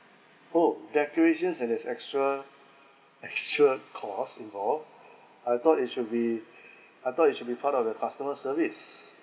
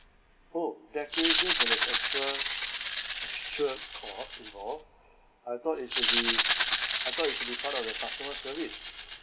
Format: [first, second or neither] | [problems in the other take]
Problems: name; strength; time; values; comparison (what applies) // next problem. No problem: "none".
first | background sound (Rattle (instrument)); 5 dB above the speech